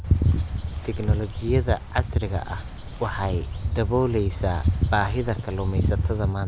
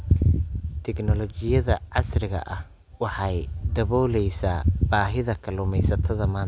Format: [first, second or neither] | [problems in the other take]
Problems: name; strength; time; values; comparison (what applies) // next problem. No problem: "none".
second | background sound (Bird); 12 dB below the speech